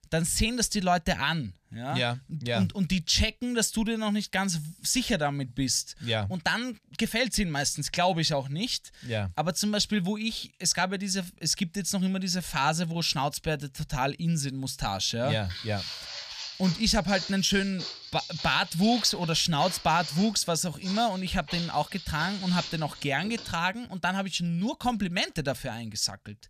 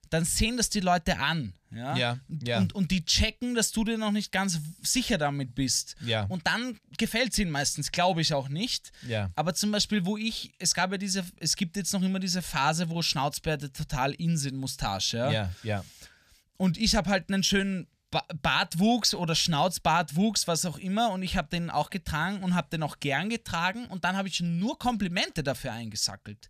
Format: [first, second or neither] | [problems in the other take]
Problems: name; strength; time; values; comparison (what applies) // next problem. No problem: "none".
second | footsteps; noticeable; from 15 to 24 s; peak 6 dB below the speech